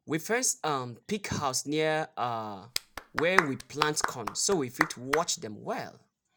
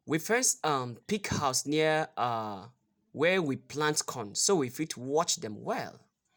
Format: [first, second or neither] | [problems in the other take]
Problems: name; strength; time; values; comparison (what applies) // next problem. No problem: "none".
second | background sound (Clapping); 2 dB below the speech